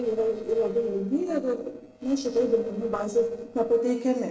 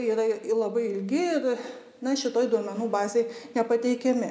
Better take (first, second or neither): second